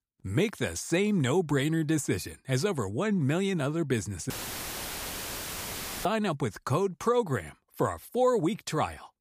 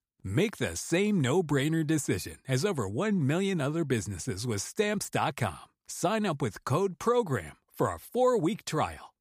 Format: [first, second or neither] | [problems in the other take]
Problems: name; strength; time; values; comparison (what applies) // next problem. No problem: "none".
second | audio cutting out; filled with static; at 4.5 s for 2 s